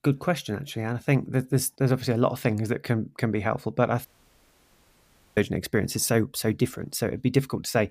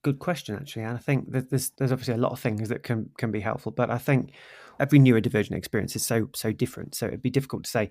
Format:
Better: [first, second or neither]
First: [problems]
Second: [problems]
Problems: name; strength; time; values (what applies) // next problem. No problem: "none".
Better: second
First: audio cutting out; at 4 s for 1.5 s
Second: none